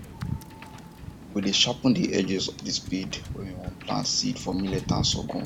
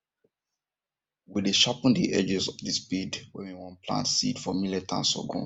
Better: second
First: background sound (Wind / Boat, Water vehicle); 7 dB below the speech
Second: none

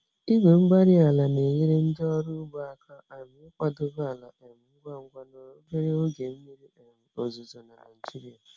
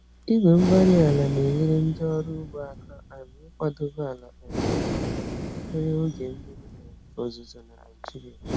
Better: first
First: none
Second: background sound (Breathing); 8 dB below the speech

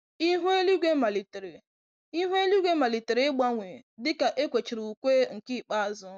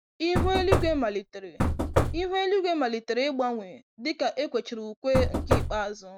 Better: first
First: none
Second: background sound (Knock / Wood); 1 dB above the speech

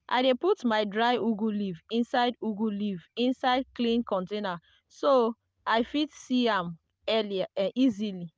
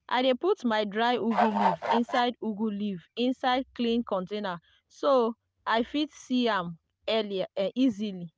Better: first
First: none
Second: background sound (Bird / Fowl); 1 dB above the speech

